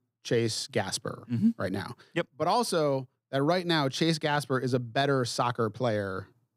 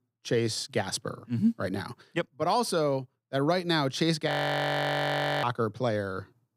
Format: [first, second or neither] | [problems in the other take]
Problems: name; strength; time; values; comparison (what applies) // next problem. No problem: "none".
first | audio freezing; at 4.5 s for 1 s